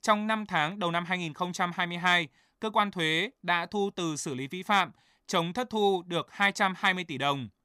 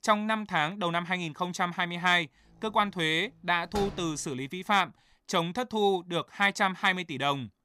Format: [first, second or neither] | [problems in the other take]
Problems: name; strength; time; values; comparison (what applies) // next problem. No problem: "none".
first | door banging; faint; at 4 s; peak 10 dB below the speech